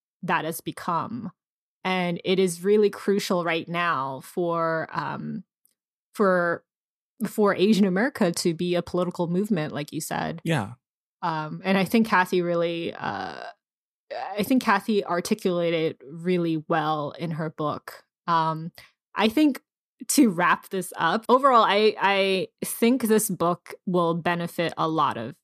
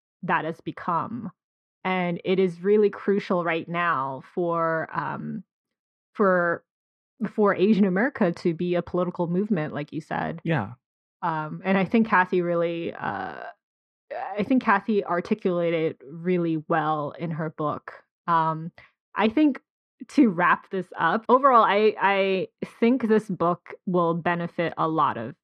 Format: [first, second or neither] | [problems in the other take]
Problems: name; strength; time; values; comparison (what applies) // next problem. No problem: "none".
first | muffled; very; fading above 2 kHz